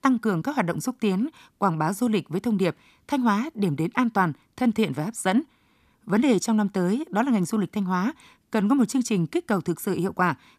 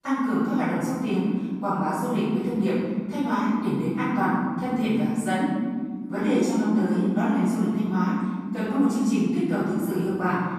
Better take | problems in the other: first | off-mic speech; far // room echo; strong; dies away in 2.1 s

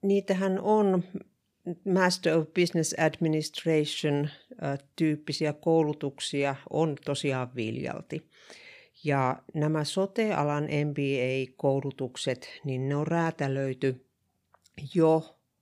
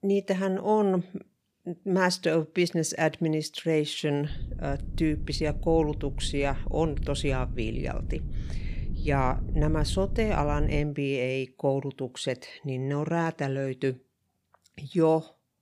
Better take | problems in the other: first | low rumble; noticeable; from 4.5 to 11 s; 20 dB below the speech

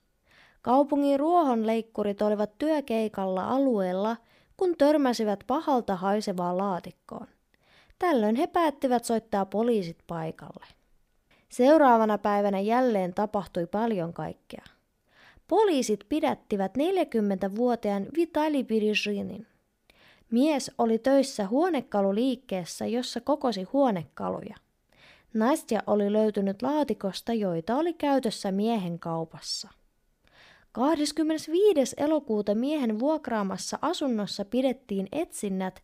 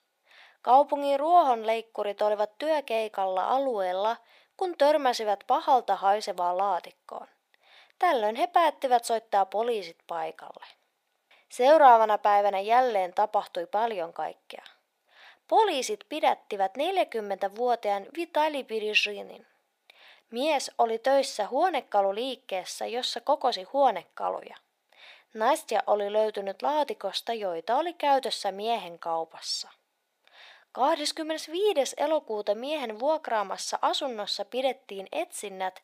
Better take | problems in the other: first | thin; very; fading below 600 Hz

